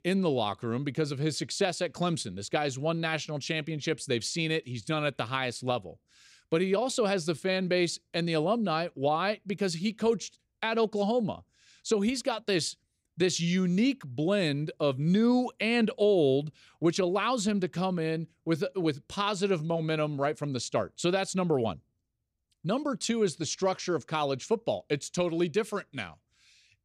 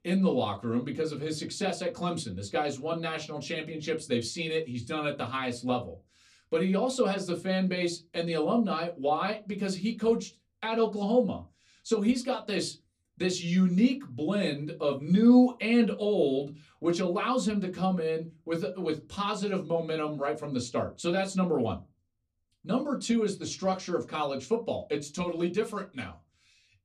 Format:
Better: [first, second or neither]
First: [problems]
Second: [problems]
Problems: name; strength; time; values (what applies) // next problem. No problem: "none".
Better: first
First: none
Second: off-mic speech; far // room echo; very slight; dies away in 0.2 s